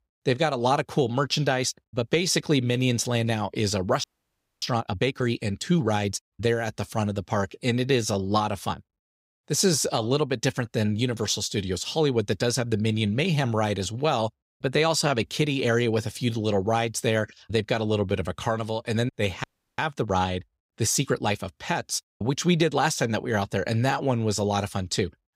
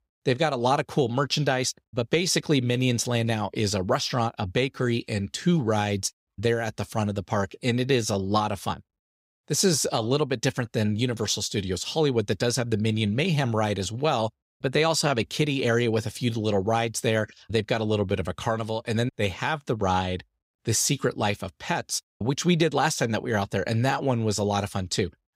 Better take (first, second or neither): second